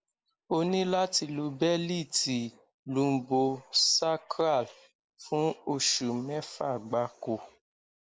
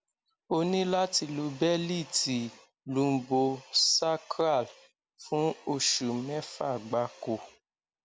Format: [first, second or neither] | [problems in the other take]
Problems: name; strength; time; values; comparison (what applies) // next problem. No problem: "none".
second | noise reduction (neural mask model Resemble Enhance denoiser)